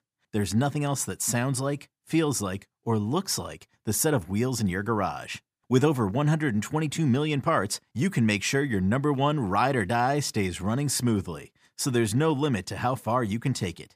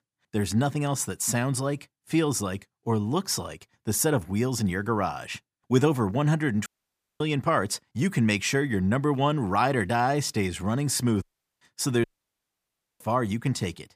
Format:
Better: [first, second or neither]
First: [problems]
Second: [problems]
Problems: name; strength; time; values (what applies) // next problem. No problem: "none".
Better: first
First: none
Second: audio cutting out; at 6.5 s for 0.5 s, at 11 s and at 12 s for 1 s